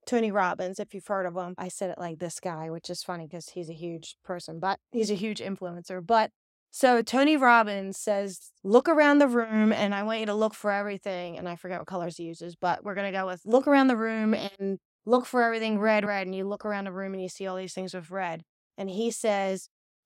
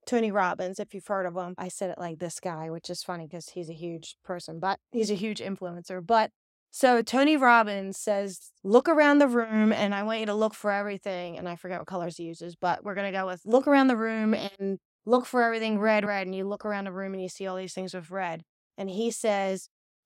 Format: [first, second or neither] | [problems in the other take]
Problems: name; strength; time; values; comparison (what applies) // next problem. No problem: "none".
neither | none